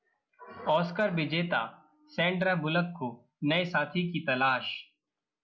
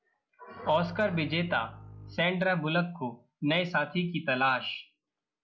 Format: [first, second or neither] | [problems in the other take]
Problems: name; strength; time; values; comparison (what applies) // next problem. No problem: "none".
first | background sound (Bowed string instrument); 17 dB below the speech